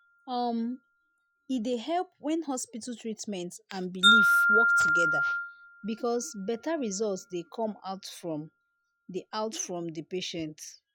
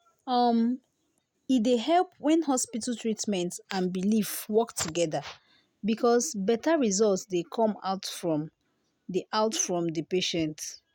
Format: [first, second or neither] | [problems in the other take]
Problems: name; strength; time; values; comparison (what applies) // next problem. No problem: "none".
second | noise reduction (classical method log-MMSE)